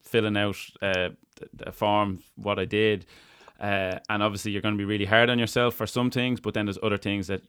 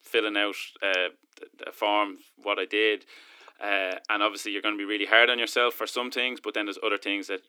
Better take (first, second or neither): first